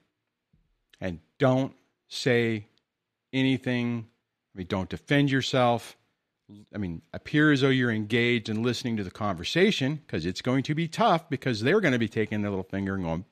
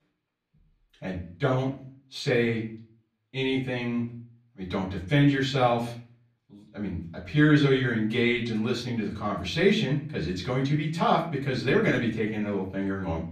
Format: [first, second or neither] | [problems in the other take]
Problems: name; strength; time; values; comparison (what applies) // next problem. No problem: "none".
first | off-mic speech; far // room echo; slight; dies away in 0.4 s